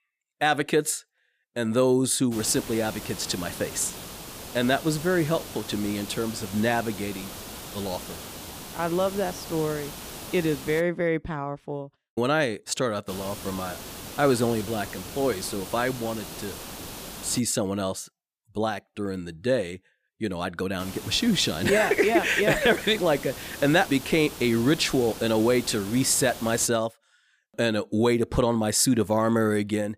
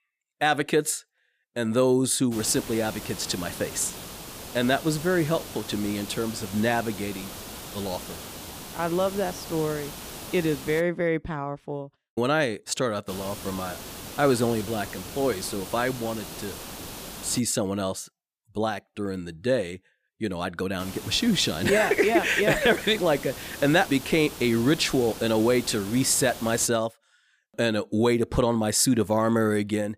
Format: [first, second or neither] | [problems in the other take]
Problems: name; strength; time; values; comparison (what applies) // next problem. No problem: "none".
neither | hiss; noticeable; from 2.5 to 11 s, from 13 to 17 s and from 21 to 27 s; 10 dB below the speech; the same in both